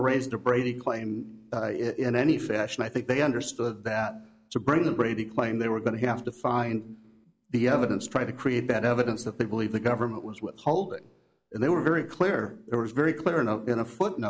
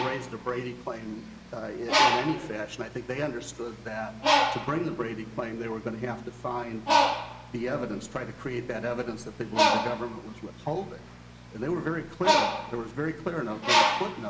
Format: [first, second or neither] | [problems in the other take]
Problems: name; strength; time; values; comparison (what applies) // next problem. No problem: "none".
first | background sound (Bird); 3 dB above the speech // room echo; dies away in 2.9 s